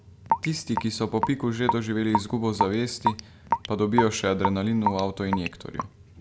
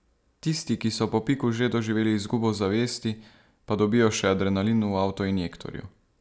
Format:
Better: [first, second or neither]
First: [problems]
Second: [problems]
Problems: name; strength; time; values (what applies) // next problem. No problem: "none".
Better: second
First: background sound (Raindrop / Drip); 4 dB below the speech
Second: none